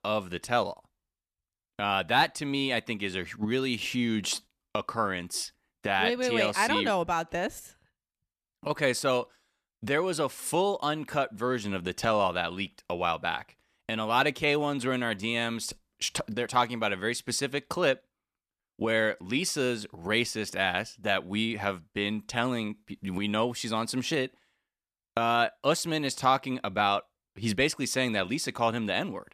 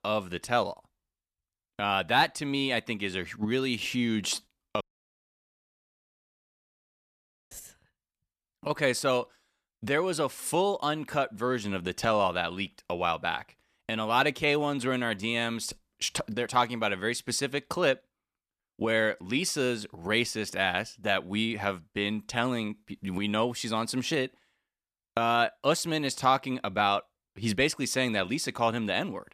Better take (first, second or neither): first